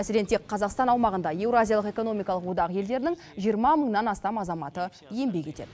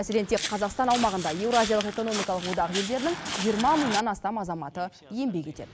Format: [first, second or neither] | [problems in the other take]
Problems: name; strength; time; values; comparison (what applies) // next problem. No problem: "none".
first | background sound (Walk, footsteps); 7 dB below the speech